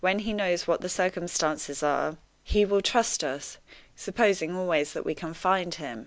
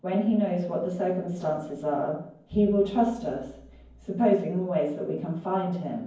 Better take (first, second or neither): first